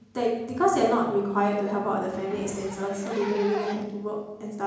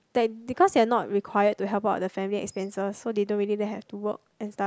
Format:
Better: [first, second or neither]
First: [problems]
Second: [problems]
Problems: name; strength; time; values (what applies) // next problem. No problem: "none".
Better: second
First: background sound (Zipper (clothing)); 16 dB below the speech // room echo; dies away in 1 s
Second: none